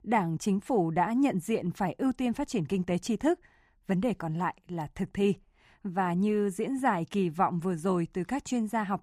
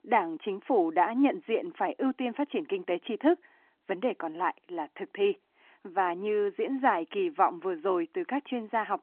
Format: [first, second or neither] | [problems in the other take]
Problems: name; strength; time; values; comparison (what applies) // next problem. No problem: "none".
first | phone-call audio